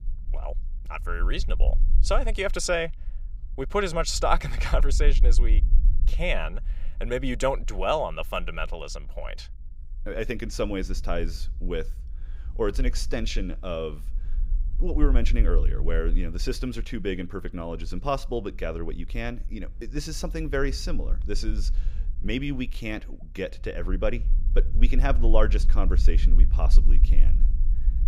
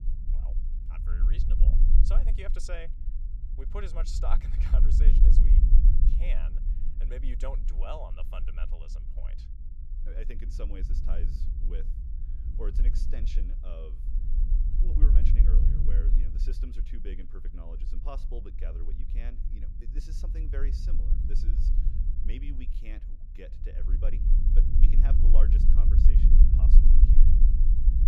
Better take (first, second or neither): first